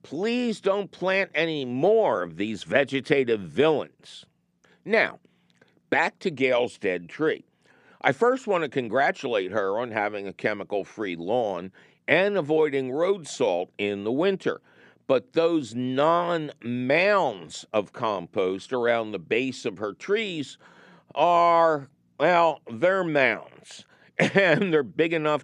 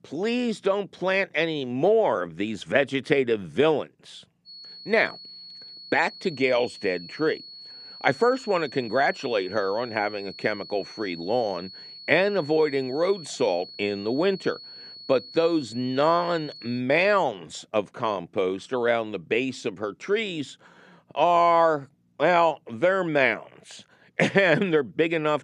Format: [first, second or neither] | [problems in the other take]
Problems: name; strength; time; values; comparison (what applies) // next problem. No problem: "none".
first | high-pitched whine; noticeable; from 4.5 to 17 s; 4.5 kHz, 15 dB below the speech